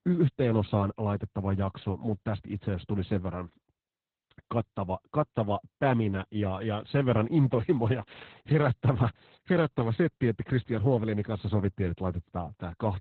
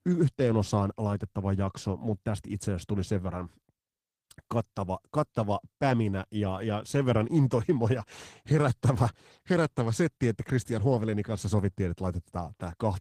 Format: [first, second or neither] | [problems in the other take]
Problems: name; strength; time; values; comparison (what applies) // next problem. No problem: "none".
second | garbled, watery; badly; slightly in the second